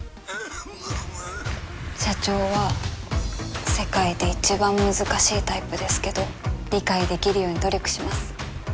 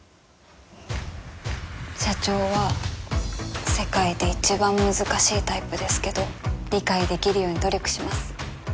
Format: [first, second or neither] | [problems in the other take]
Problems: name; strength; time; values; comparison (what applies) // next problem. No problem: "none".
second | background sound (Drum kit + Cough); 14 dB below the speech